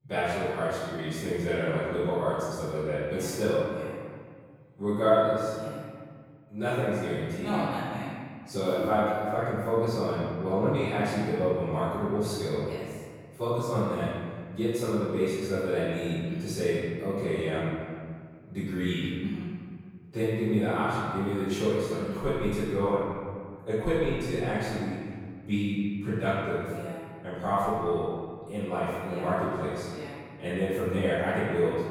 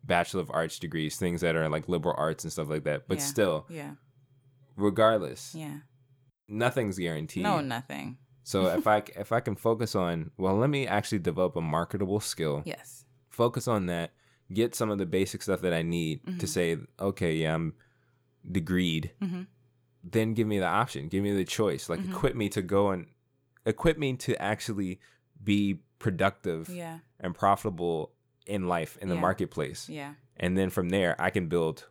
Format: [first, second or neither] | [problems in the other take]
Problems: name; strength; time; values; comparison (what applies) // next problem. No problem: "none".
second | room echo; strong; dies away in 1.8 s // off-mic speech; far